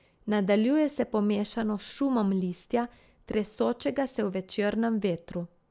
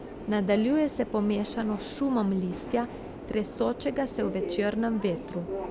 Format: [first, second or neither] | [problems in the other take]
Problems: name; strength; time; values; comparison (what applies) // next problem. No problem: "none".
first | background sound (Subway, metro, underground); 9 dB below the speech